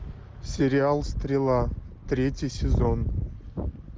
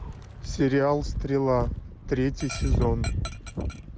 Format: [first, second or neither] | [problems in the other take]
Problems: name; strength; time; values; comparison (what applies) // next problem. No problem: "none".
first | background sound (Dog); 20 dB below the speech